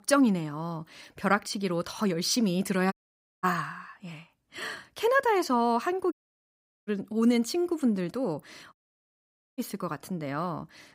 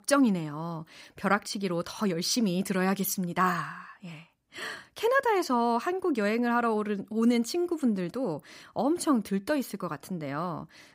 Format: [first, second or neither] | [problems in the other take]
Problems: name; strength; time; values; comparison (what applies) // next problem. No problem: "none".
second | audio cutting out; at 3 s for 0.5 s, at 6 s for 1 s and at 8.5 s for 1 s